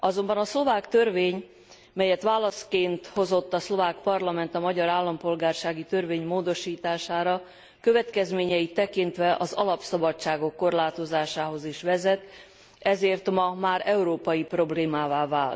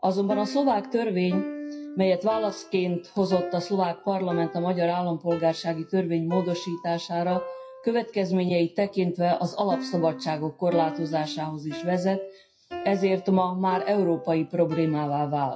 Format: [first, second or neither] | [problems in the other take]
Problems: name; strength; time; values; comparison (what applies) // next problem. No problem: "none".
first | noise reduction (classical method WPE with log-MMSE)